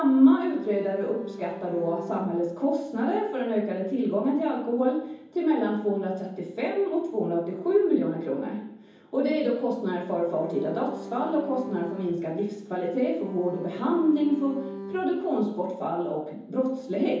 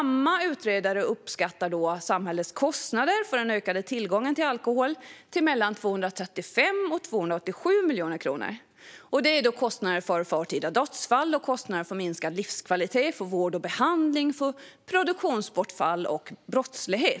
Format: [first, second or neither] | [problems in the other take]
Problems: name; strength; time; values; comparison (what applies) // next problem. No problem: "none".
second | background sound (Bowed string instrument); 13 dB below the speech // room echo; dies away in 0.9 s